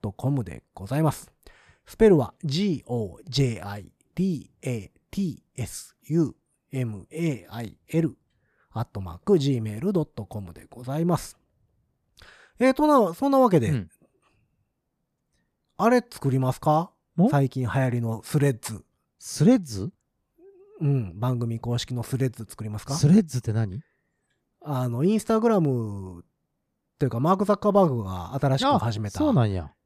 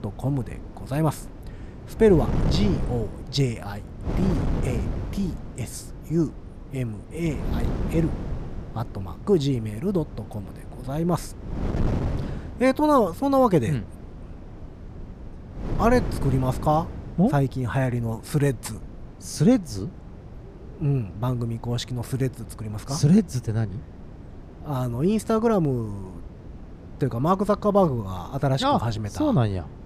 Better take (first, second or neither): first